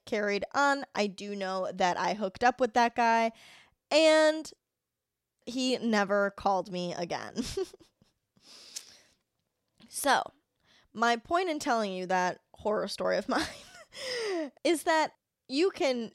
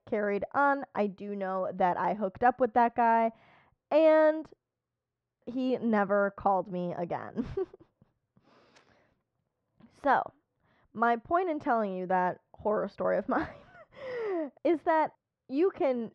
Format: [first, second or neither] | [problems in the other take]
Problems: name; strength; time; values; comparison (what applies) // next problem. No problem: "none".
first | muffled; very; fading above 1 kHz